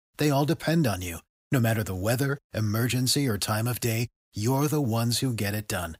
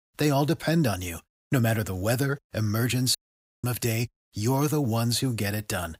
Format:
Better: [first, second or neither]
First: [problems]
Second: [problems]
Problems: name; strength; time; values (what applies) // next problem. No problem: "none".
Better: first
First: none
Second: audio cutting out; at 3 s